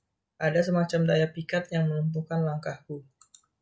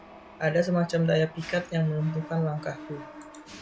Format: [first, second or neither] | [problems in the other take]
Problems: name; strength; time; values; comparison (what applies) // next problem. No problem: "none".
first | background sound (Mechanisms); 17 dB below the speech